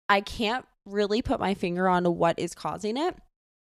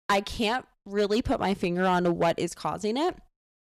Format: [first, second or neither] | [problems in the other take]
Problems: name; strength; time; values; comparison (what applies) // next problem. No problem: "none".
first | distortion; slight; 5% of the sound clipped